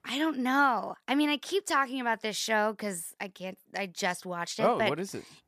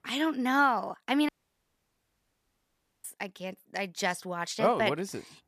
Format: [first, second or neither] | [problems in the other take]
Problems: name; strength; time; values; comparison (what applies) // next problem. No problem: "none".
first | audio cutting out; at 1.5 s for 2 s